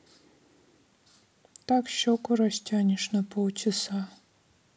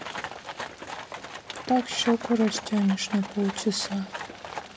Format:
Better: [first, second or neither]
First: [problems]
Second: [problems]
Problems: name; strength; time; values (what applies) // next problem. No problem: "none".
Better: first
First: none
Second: background sound (Livestock, farm animals, working animals); 9 dB below the speech